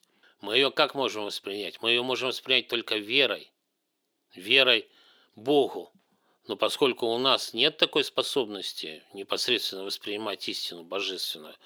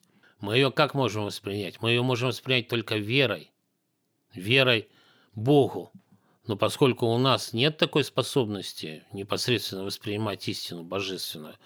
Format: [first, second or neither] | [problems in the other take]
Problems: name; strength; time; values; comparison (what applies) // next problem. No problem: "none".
second | thin; somewhat; fading below 400 Hz